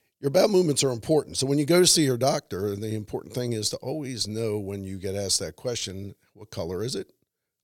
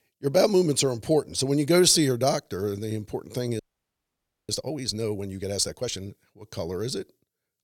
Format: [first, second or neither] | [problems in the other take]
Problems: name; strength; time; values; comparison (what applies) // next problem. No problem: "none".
first | audio freezing; at 3.5 s for 1 s